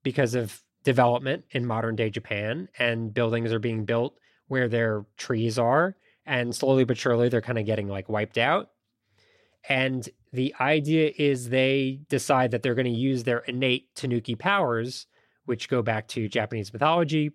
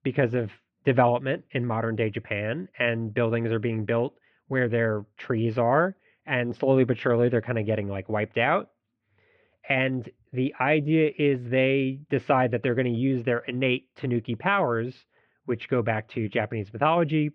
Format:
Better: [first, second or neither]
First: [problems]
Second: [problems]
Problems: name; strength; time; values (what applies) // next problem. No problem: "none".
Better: first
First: none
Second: muffled; very; fading above 2.5 kHz